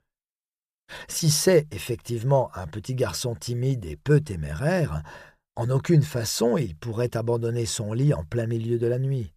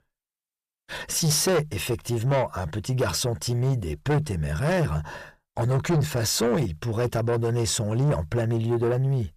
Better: first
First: none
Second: distortion; heavy; 7 dB below the speech

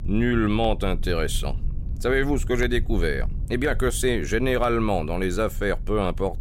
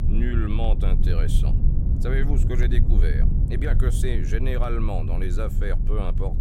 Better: first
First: low rumble; faint; throughout; 25 dB below the speech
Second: low rumble; loud; throughout; 6 dB below the speech

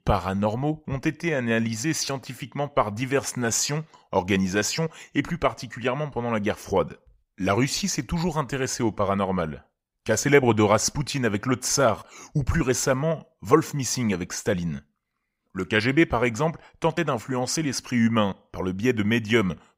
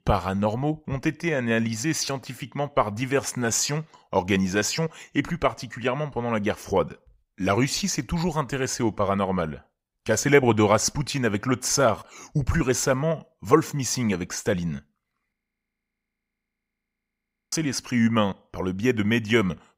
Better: first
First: none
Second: audio freezing; at 15 s for 2 s

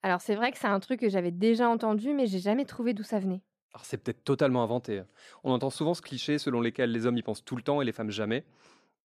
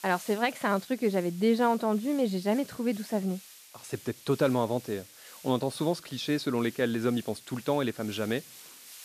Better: first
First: none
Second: hiss; noticeable; throughout; 20 dB below the speech

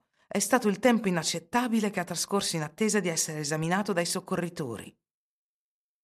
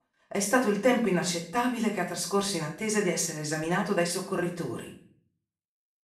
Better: first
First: none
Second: off-mic speech; far // room echo; slight; dies away in 0.4 s

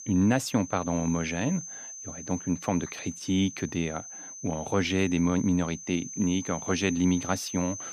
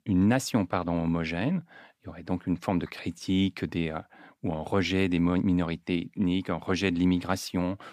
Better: second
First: high-pitched whine; noticeable; throughout; 6 kHz, 10 dB below the speech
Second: none

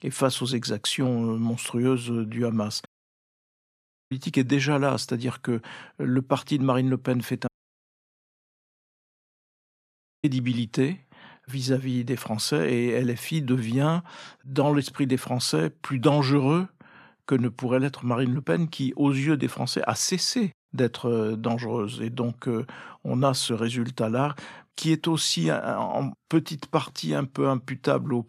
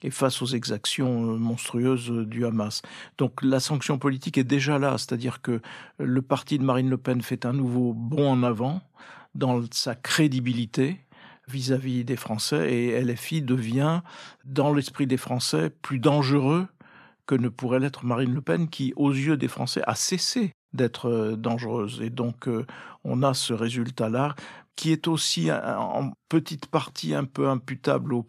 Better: second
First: audio cutting out; at 3 s for 1.5 s and at 7.5 s for 3 s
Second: none

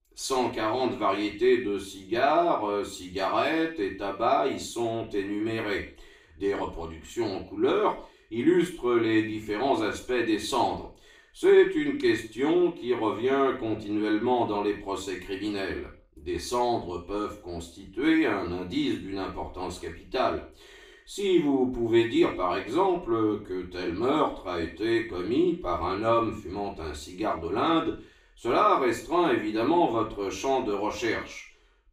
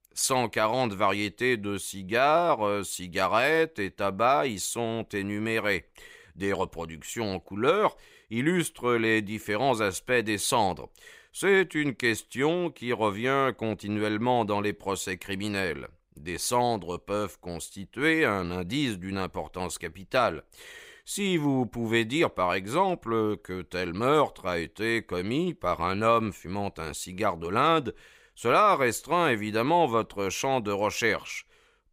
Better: second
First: room echo; slight; dies away in 0.4 s // off-mic speech; far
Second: none

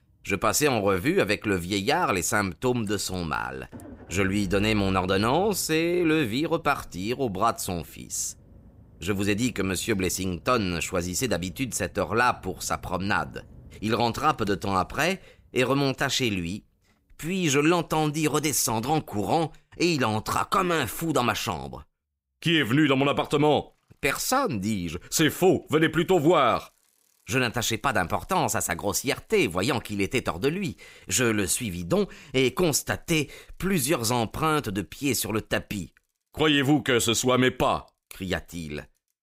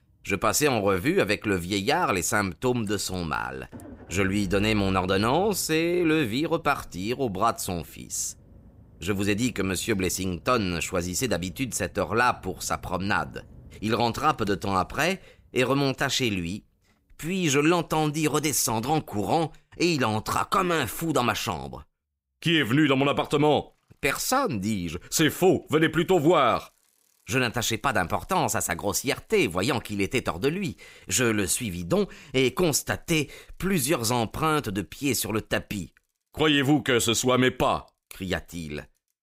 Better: neither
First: traffic noise; faint; throughout; 25 dB below the speech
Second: traffic noise; faint; throughout; 25 dB below the speech

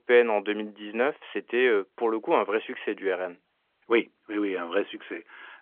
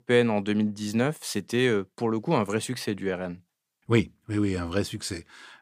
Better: second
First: phone-call audio; nothing above 3.5 kHz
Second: none

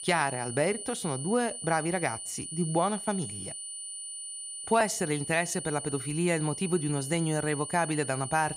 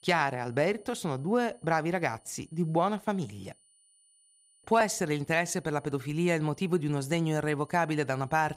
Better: second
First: high-pitched whine; loud; throughout; 9.5 kHz, 7 dB below the speech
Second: high-pitched whine; faint; throughout; 9.5 kHz, 30 dB below the speech

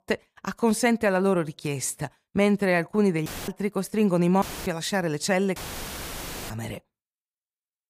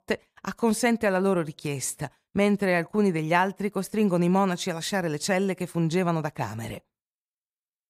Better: second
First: audio cutting out; filled with static; at 3.5 s, at 4.5 s and at 5.5 s for 1 s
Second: none

